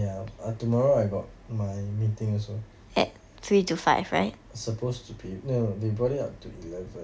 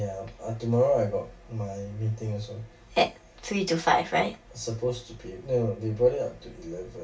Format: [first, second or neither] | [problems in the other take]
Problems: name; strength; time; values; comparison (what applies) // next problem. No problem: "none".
first | room echo; dies away in 0.2 s